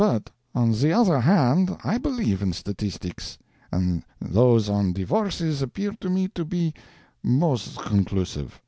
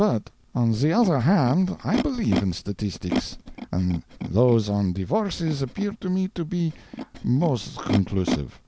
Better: first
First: none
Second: background sound (Animal); 9 dB below the speech

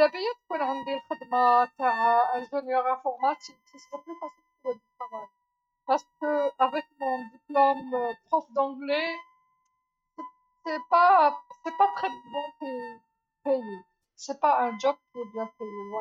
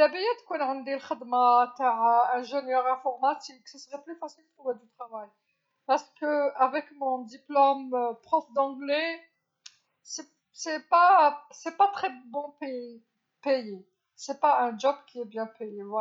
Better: second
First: noise reduction (neural mask model RNNoise)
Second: none

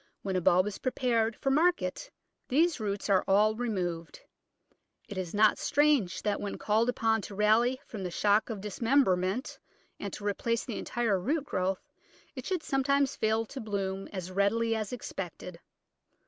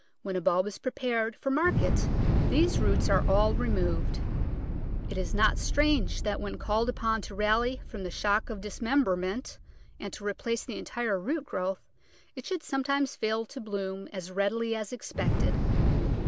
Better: first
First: none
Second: background sound (Thunder / Explosion); as loud as the speech

